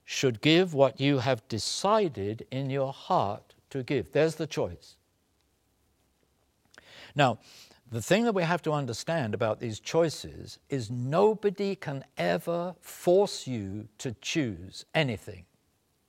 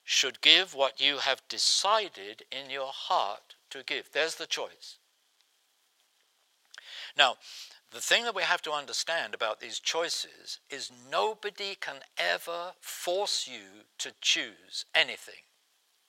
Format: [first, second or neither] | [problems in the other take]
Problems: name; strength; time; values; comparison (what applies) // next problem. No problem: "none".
first | thin; very; fading below 850 Hz